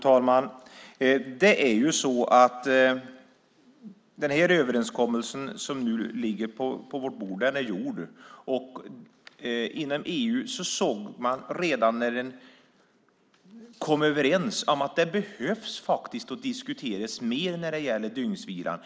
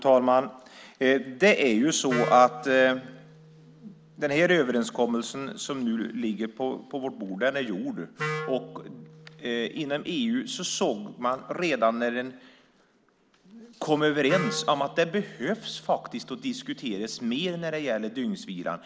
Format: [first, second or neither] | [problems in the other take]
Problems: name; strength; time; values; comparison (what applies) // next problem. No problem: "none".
first | background sound (Wind instrument, woodwind instrument); 15 dB below the speech